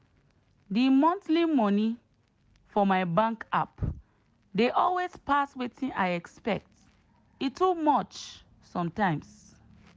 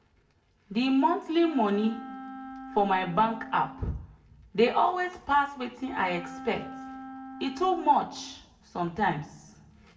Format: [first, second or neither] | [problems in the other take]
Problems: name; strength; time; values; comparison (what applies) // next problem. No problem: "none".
first | background sound (Wind instrument, woodwind instrument); 15 dB below the speech // room echo; dies away in 0.4 s